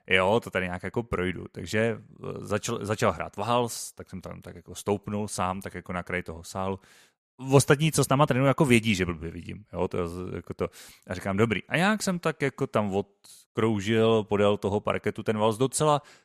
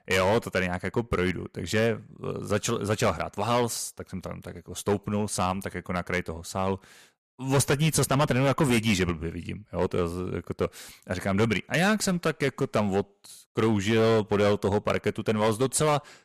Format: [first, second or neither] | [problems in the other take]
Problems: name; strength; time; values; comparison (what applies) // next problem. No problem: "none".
first | distortion; heavy; 8% of the sound clipped